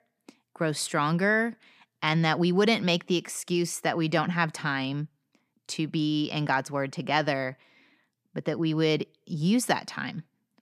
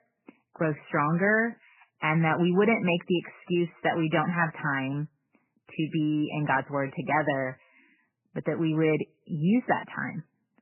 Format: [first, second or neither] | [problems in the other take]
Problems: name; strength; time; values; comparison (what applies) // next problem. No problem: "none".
first | garbled, watery; badly; nothing above 3 kHz